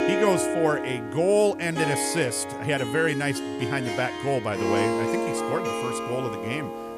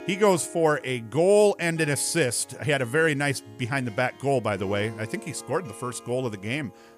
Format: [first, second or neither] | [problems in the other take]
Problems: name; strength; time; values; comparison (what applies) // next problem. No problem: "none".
second | background music; loud; throughout; 2 dB below the speech; faint in the second